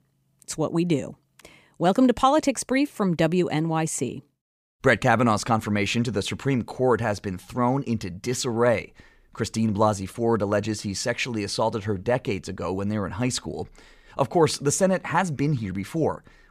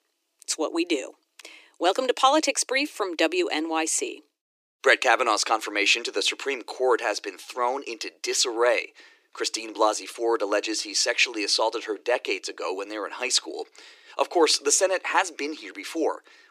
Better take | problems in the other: first | thin; very; fading below 300 Hz

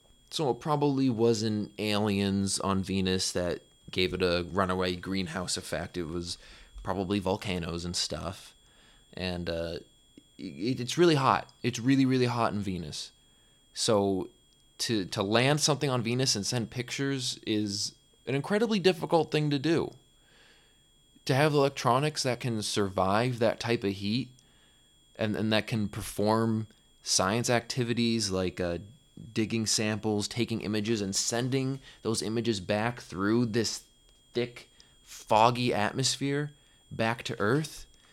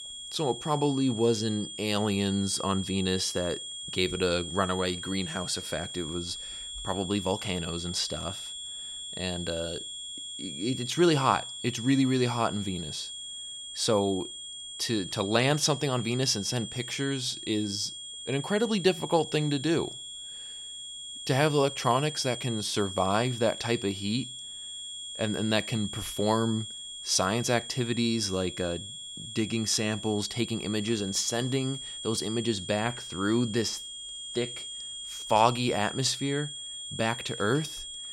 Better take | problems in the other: first | high-pitched whine; loud; throughout; 3.5 kHz, 8 dB below the speech; faint in the first

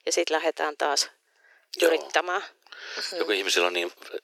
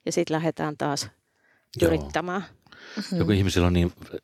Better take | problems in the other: second | thin; very; fading below 400 Hz

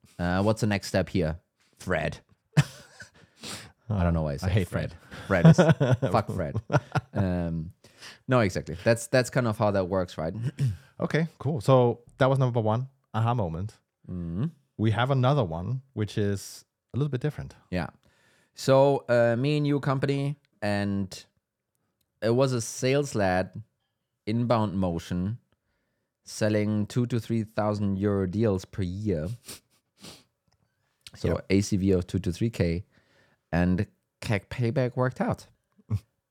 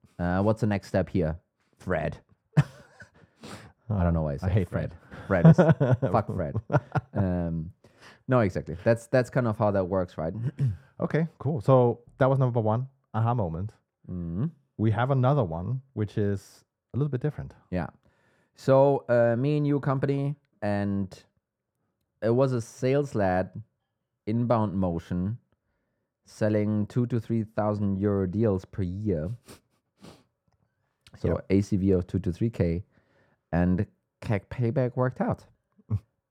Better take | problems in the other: first | muffled; slightly; fading above 2 kHz

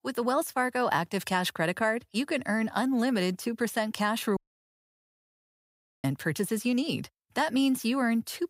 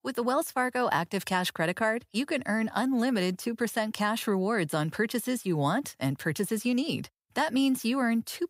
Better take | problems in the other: second | audio cutting out; at 4.5 s for 1.5 s

